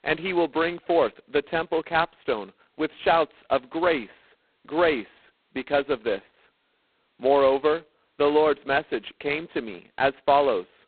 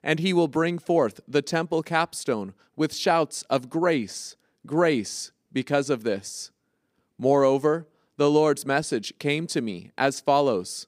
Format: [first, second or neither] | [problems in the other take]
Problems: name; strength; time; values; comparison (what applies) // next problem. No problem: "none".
second | phone-call audio; poor line; nothing above 4 kHz